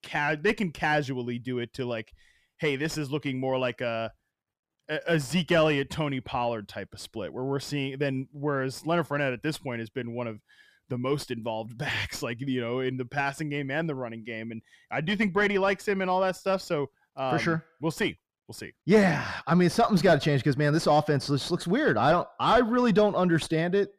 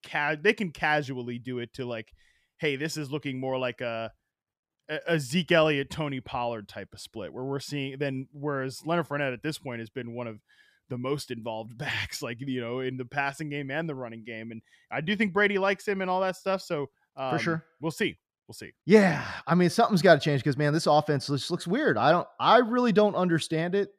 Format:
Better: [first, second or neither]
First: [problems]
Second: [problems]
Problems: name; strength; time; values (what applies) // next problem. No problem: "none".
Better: second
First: distortion; slight; 10 dB below the speech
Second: none